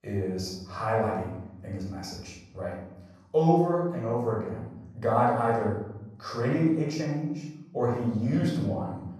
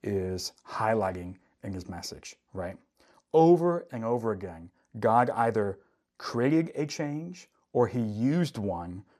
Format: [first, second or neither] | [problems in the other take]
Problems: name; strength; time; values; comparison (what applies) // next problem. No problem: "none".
second | off-mic speech; far // room echo; noticeable; dies away in 1 s